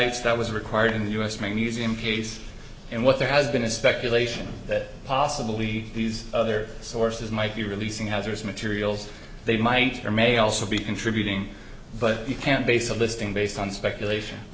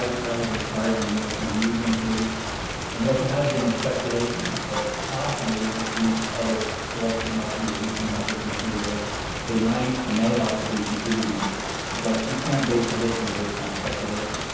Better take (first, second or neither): first